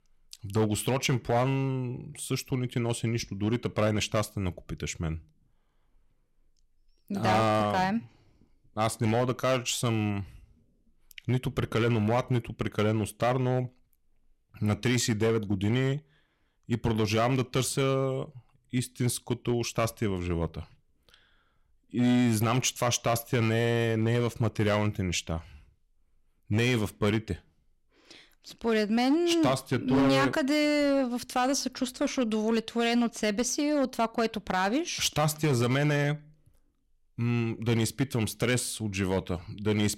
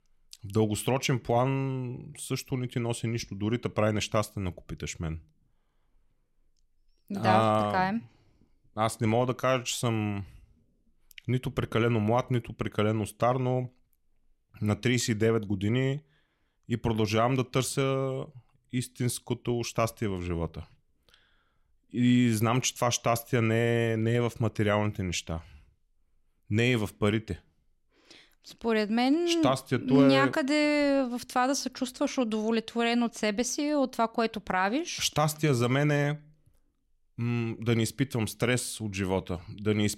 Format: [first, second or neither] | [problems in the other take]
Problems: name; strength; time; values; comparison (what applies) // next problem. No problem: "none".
second | distortion; slight; 6% of the sound clipped